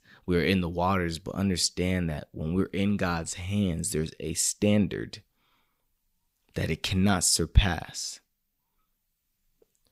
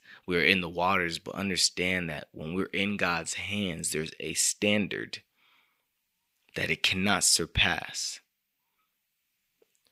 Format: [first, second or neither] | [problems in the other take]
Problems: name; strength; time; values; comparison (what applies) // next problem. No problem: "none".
first | thin; very slightly; fading below 300 Hz